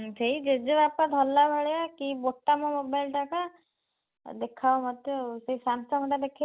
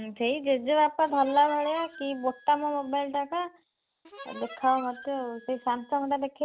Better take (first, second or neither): first